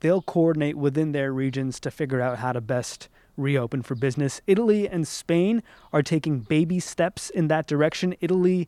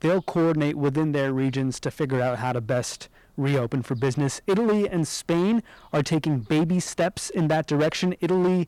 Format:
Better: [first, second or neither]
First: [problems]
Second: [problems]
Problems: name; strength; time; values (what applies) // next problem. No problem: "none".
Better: first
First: none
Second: distortion; slight; 13% of the sound clipped